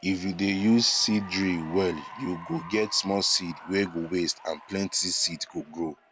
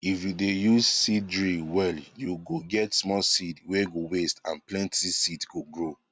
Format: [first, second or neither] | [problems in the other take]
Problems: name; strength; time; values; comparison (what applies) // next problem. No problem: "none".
second | background sound (Applause / Cheering); 18 dB below the speech